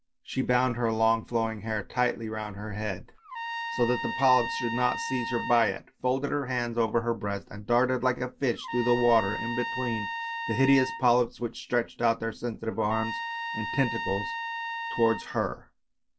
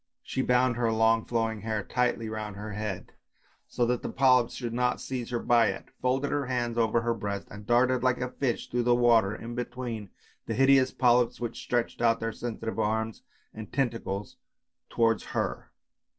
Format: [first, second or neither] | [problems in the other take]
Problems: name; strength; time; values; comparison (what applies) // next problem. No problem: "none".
second | background sound (Trumpet); 7 dB below the speech